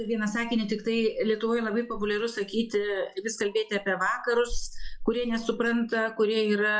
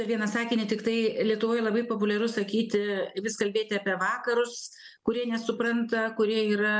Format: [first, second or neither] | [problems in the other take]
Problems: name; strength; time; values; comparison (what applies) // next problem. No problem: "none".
second | noise reduction (classical method log-MMSE)